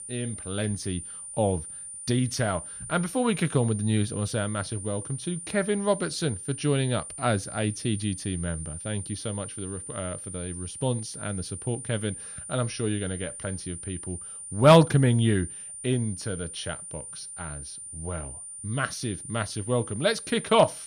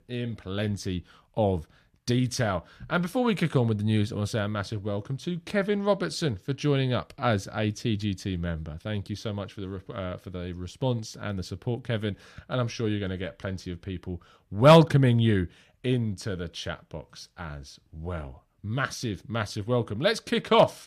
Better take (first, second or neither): second